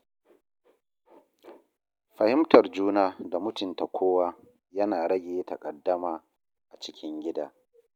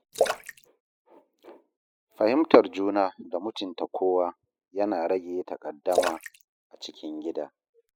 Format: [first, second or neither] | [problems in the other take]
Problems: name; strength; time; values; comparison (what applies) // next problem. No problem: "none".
first | noise reduction (classical method spectral subtraction)